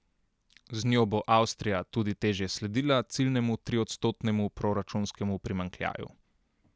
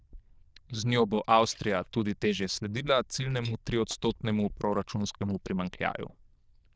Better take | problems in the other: first | noise reduction (neural diffusion model UNIVERSE++)

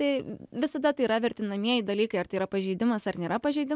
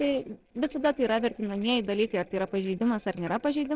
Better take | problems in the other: first | noise reduction (neural separator model SepFormer DNS4)

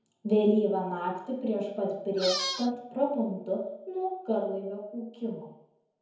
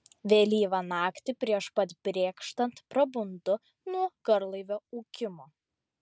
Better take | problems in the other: second | background sound (Squeak); 3 dB below the speech // room echo; dies away in 0.9 s

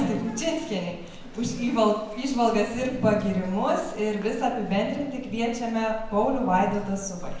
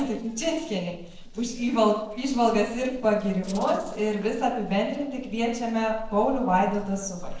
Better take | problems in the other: first | noise reduction (neural separator model SepFormer DNS4)

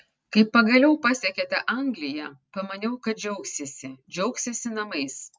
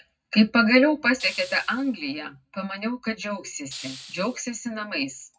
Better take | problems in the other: first | background sound (Hiss); 18 dB below the speech // room echo; dies away in 0.3 s

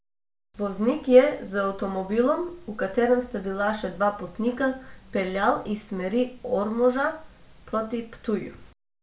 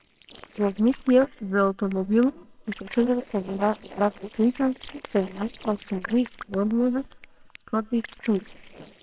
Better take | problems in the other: first | noise reduction (neural separator model SepFormer WHAMR!)

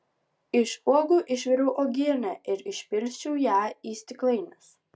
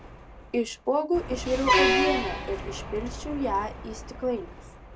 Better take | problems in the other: first | background sound (Truck); as loud as the speech

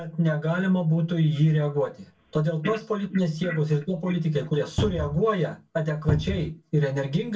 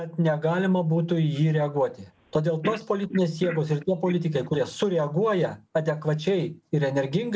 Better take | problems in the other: second | background sound (Cupboard open or close); 3 dB below the speech // room echo; dies away in 0.1 s

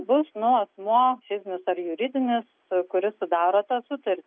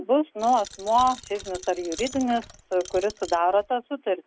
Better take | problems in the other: first | background sound (Coin (dropping)); 17 dB below the speech

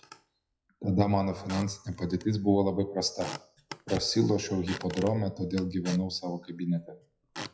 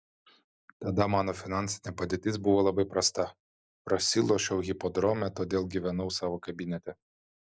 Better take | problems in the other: second | noise reduction (classical method WPE with log-MMSE)

